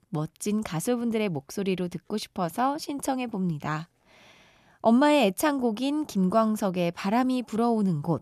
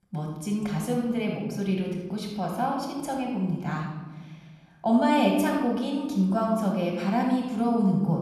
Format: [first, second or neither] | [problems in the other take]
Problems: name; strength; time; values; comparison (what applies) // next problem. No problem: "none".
first | off-mic speech; somewhat distant // room echo; noticeable; dies away in 1.2 s